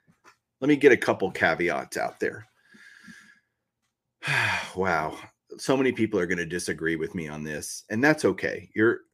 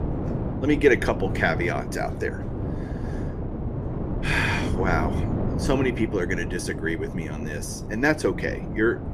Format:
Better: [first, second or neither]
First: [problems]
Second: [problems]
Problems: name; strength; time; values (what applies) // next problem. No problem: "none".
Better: first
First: none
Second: wind noise on the microphone; heavy; 10 dB below the speech